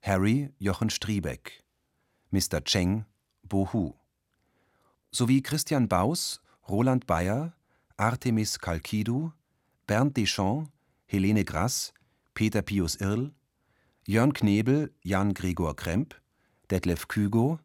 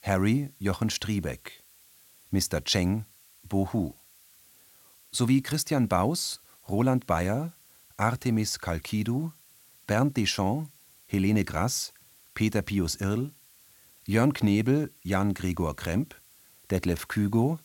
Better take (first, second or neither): first